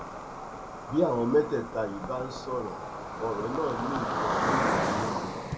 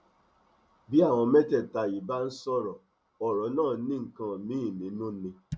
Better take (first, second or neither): second